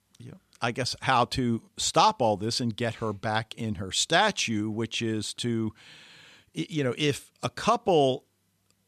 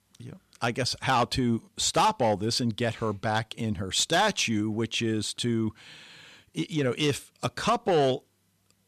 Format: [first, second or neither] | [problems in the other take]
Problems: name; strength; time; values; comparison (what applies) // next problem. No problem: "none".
first | distortion; slight; 10 dB below the speech